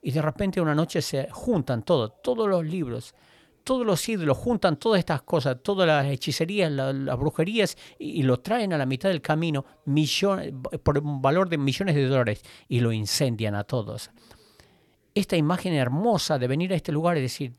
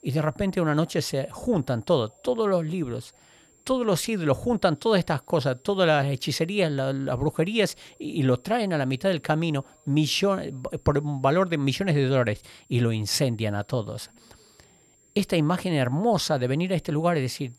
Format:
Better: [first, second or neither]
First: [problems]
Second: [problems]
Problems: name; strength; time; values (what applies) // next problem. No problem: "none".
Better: first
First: none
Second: high-pitched whine; faint; throughout; 7.5 kHz, 35 dB below the speech